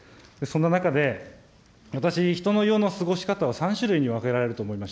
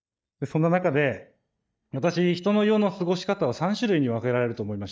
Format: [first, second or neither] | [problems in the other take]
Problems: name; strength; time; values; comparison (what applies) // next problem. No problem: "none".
first | noise reduction (neural mask model DeepFilterNet 3)